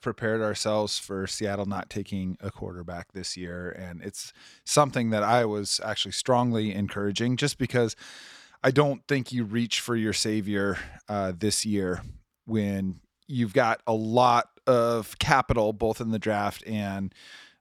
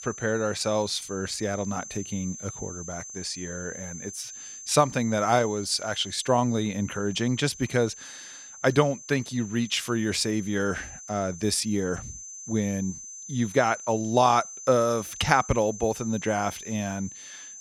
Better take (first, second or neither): first